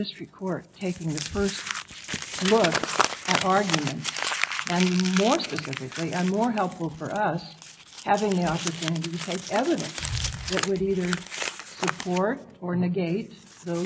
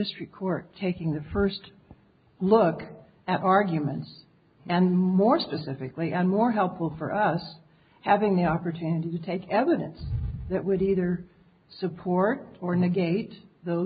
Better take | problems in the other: second | background sound (Crumpling, crinkling); 6 dB below the speech

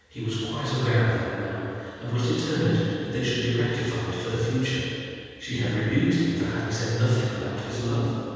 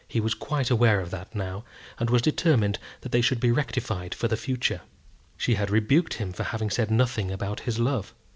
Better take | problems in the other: second | room echo; dies away in 2.1 s

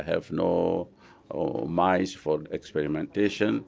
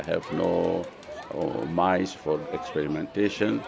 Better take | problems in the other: first | background sound (Crowd); 12 dB below the speech

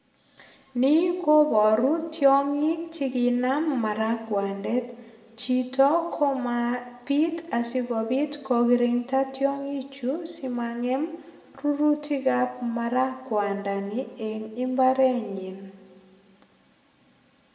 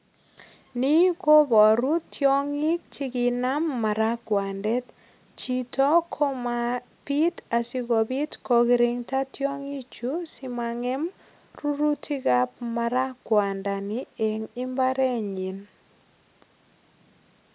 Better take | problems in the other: second | room echo; dies away in 1.6 s

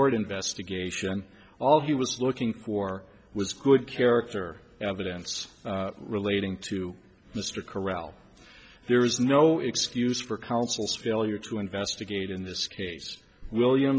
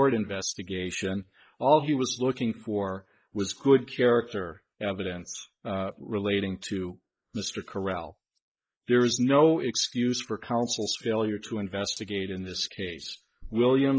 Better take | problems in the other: first | noise reduction (neural mask model Resemble Enhance denoiser)

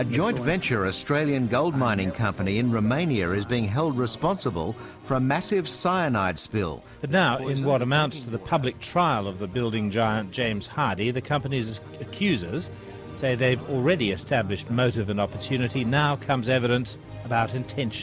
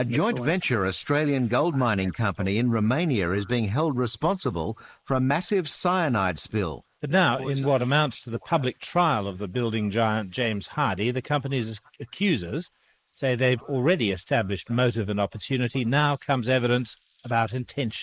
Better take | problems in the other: first | noise reduction (neural mask model Resemble Enhance denoiser)

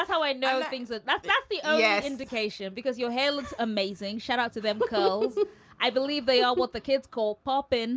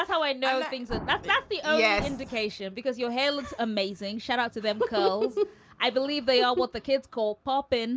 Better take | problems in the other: first | background sound (Explosion); 12 dB below the speech

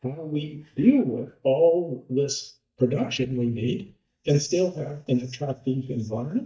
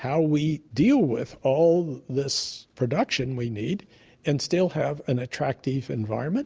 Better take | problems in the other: second | noise reduction (neural mask model DeepFilterNet 3)

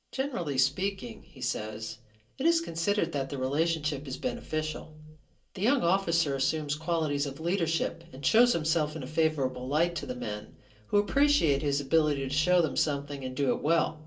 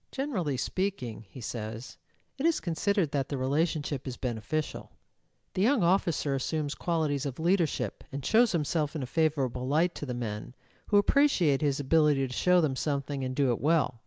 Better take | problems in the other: second | room echo; dies away in 0.2 s

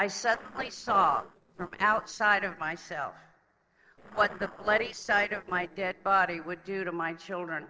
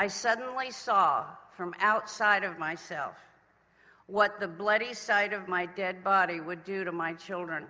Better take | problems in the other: second | noise reduction (neural separator model SepFormer DNS4)

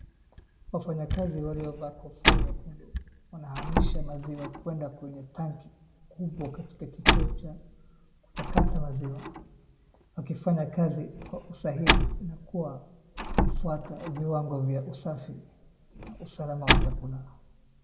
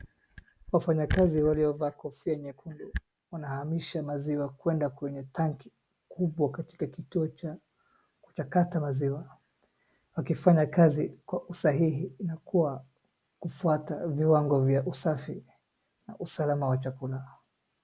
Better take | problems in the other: second | background sound (Slam); 4 dB above the speech // room echo; dies away in 0.9 s

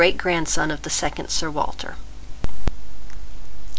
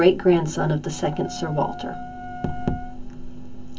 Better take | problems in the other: first | background sound (Wind instrument, woodwind instrument); 15 dB below the speech // room echo; dies away in 0.3 s

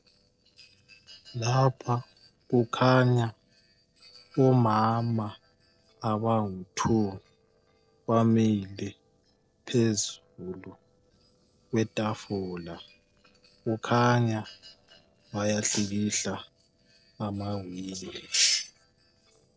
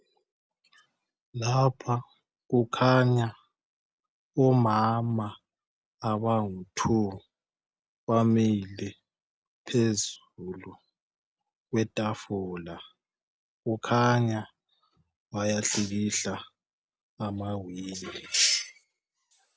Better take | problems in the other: second | noise reduction (neural separator model SepFormer DNS4)

